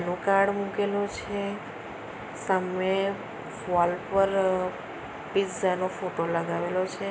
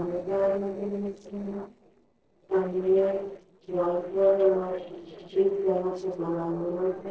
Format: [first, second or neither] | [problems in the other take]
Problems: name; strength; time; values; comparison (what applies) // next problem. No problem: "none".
first | noise reduction (neural separator model SepFormer DNS4)